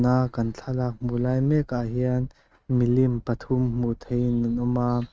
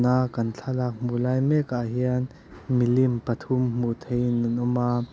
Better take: second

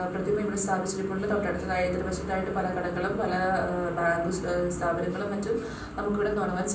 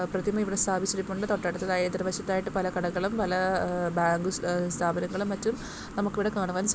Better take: second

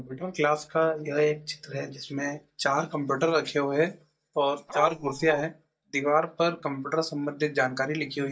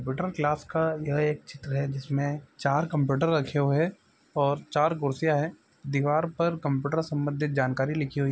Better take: second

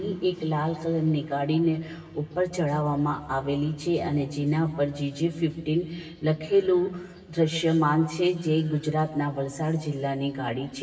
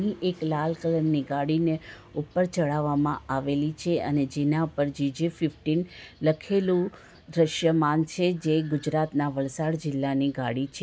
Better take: second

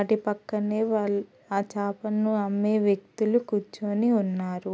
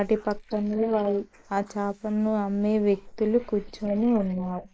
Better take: first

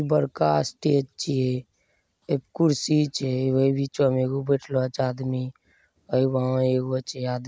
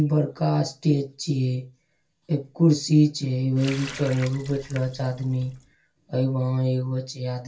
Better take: first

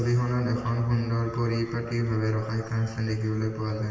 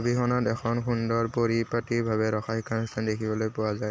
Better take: second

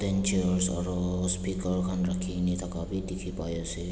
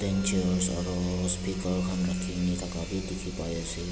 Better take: first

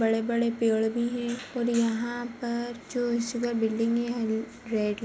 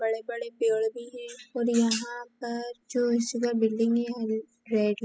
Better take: first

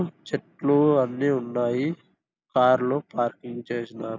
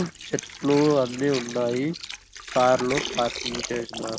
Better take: first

